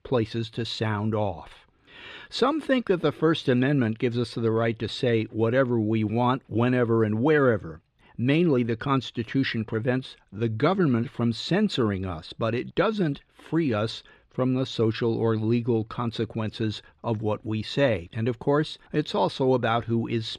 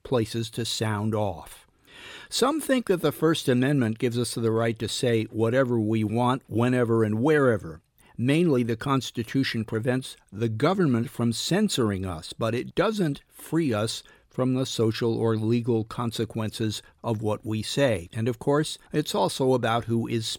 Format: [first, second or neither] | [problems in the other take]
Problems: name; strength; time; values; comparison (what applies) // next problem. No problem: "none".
second | muffled; very slightly; fading above 3 kHz